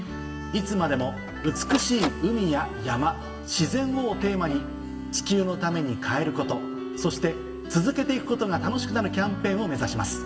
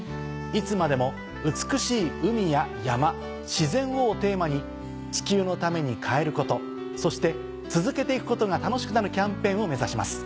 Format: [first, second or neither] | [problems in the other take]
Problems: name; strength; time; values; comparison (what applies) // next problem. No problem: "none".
second | background sound (Printer); 17 dB below the speech // room echo; dies away in 1.6 s